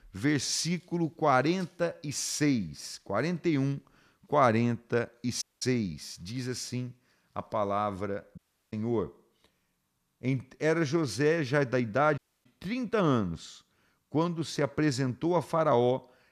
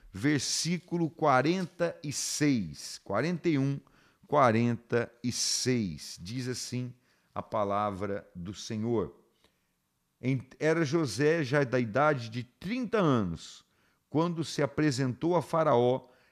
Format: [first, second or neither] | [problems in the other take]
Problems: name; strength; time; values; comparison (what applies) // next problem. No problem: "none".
second | audio cutting out; at 5.5 s, at 8.5 s and at 12 s